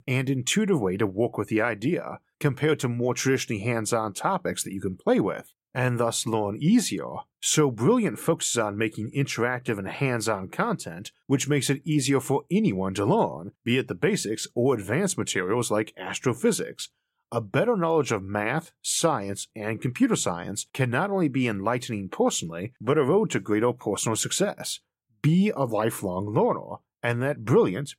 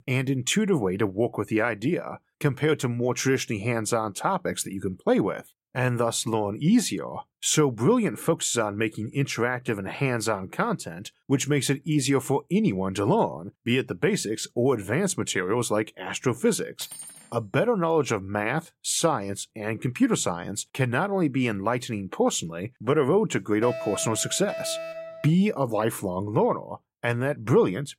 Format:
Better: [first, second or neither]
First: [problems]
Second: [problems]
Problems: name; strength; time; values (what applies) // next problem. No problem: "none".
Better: first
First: none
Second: clattering dishes; faint; at 17 s; peak 10 dB below the speech // alarm; noticeable; from 24 to 25 s; peak 7 dB below the speech